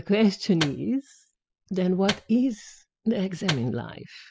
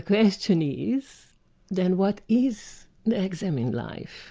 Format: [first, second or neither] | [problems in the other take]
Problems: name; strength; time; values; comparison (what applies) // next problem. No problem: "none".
second | noise reduction (classical method spectral subtraction)